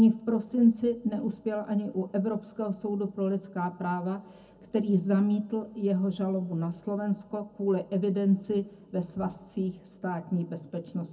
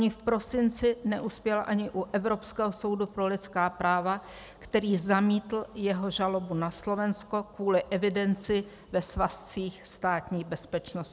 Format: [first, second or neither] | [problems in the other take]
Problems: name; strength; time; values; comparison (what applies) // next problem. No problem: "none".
second | room echo; dies away in 0.4 s